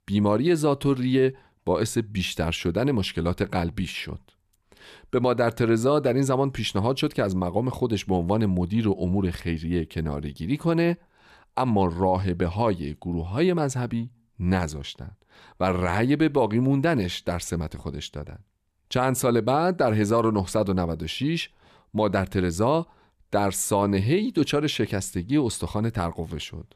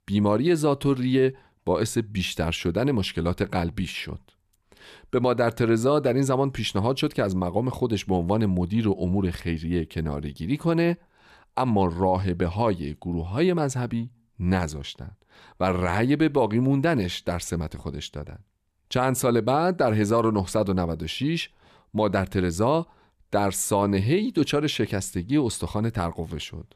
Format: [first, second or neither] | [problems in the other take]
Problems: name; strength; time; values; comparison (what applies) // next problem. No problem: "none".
neither | none